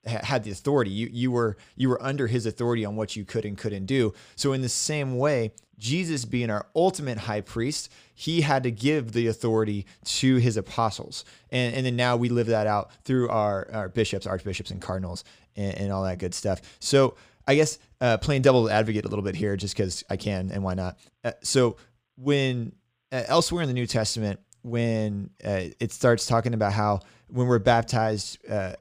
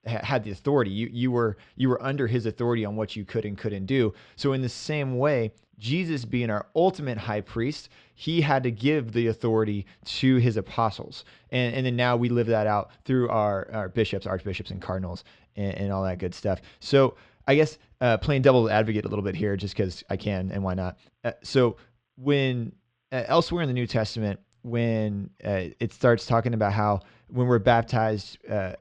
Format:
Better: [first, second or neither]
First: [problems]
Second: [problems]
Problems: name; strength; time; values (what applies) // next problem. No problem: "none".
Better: first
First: none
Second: muffled; slightly; fading above 4 kHz